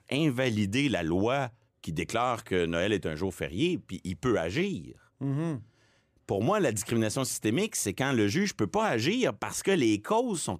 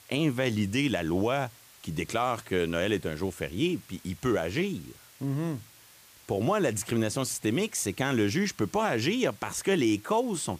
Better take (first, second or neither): first